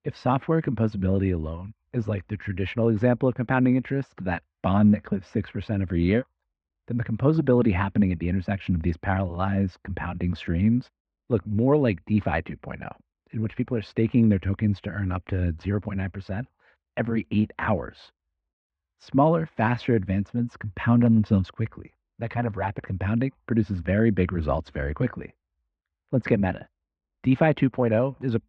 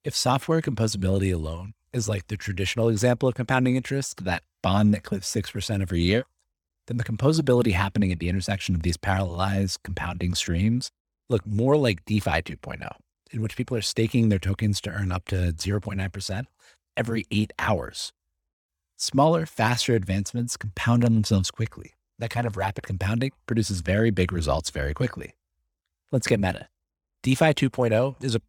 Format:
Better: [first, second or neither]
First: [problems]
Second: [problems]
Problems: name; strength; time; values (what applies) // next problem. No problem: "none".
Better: second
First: muffled; very; fading above 2 kHz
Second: none